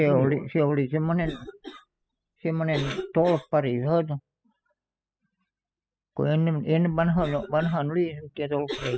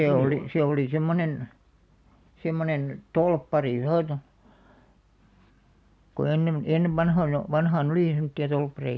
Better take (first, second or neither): second